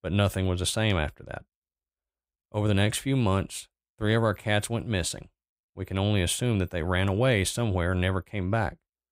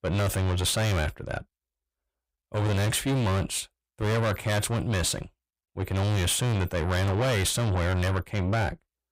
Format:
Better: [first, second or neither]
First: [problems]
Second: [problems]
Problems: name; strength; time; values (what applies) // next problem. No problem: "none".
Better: first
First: none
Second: distortion; heavy; 5 dB below the speech